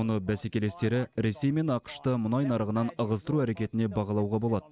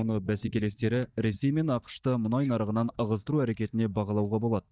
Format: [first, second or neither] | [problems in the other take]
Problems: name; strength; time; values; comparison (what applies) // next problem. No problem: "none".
first | noise reduction (neural mask model DeepFilterNet 3)